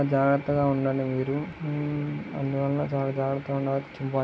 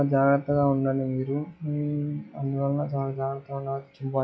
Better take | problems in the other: first | noise reduction (classical method log-MMSE)

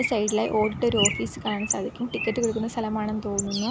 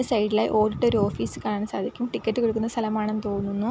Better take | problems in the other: second | background sound (Bird); 6 dB below the speech

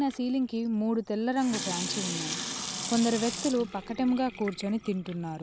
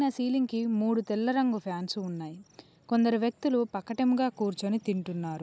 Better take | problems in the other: second | background sound (Sink (filling or washing) / Water tap, faucet); 8 dB below the speech

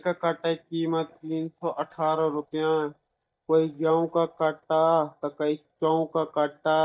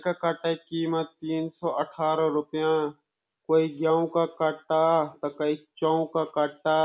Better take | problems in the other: second | noise reduction (neural mask model DeepFilterNet 3)

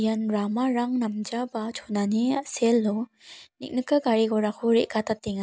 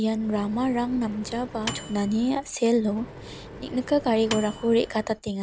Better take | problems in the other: first | background sound (Microwave oven); 14 dB below the speech

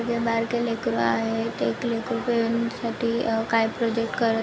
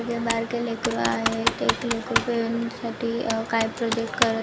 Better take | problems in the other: first | background sound (Computer keyboard); 4 dB below the speech

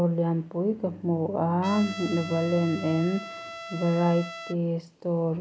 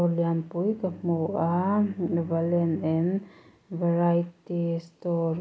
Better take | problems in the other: second | background sound (Trumpet); 13 dB below the speech

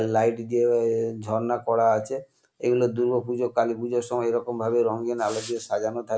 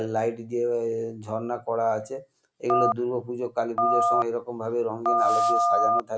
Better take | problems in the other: first | background sound (Telephone); 4 dB above the speech

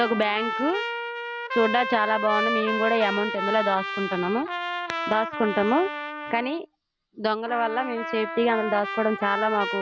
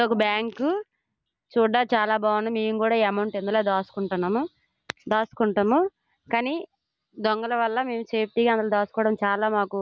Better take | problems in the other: second | background sound (Trumpet); 5 dB below the speech

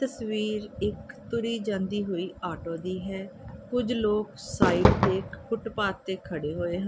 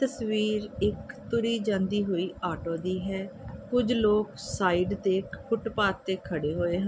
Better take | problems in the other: second | background sound (Fireworks); 5 dB above the speech

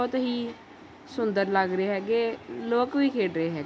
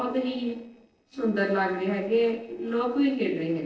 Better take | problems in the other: first | noise reduction (neural separator model SepFormer DNS4)

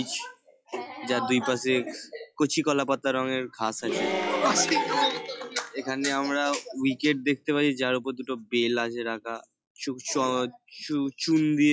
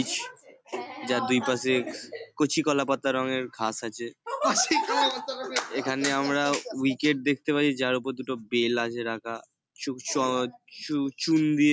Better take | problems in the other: second | noise reduction (classical method log-MMSE)

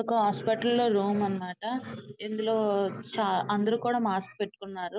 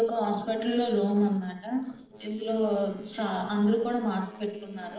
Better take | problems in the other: first | noise reduction (neural separator model SepFormer DNS4)

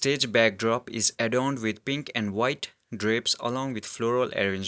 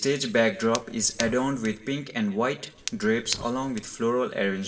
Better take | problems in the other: first | background sound (Fire); 14 dB below the speech // room echo; dies away in 1.1 s

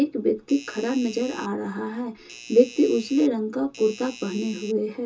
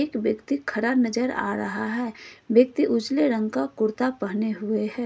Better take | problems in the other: second | background sound (Doorbell); 18 dB below the speech // room echo; dies away in 0.2 s

